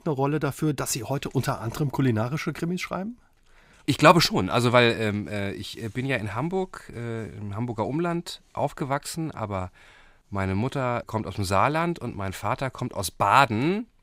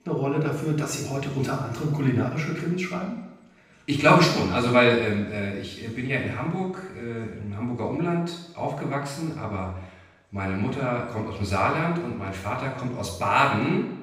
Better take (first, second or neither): first